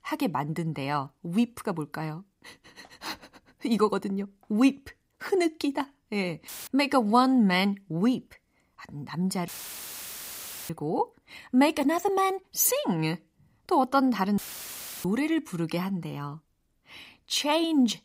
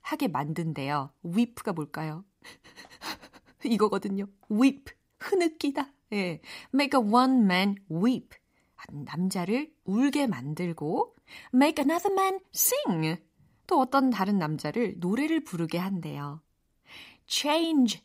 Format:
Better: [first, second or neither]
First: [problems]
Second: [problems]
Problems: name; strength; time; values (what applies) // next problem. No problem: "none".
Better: second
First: audio cutting out; filled with static; at 6.5 s, at 9.5 s for 1 s and at 14 s for 0.5 s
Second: none